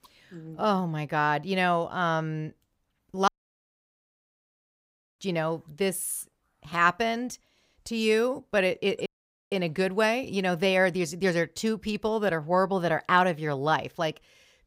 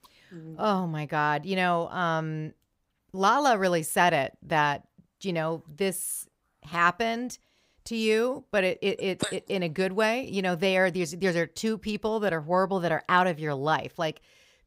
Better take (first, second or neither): second